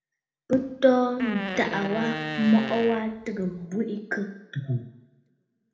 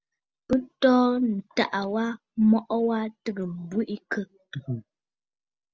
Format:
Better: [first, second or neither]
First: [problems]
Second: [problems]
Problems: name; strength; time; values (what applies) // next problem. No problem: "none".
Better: second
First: background sound (Fart); 8 dB below the speech // room echo; dies away in 0.8 s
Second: none